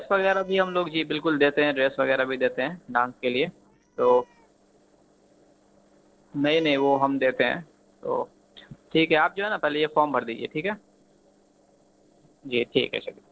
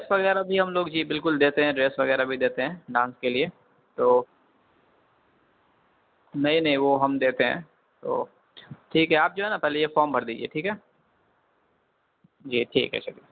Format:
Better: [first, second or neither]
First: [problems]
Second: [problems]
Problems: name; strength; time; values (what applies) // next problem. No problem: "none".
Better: second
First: noise reduction (neural separator model SepFormer DNS4)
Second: none